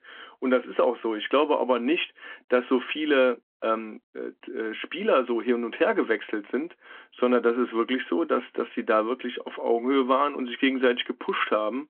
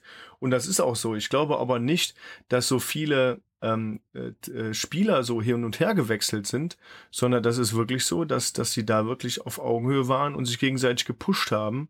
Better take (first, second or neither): second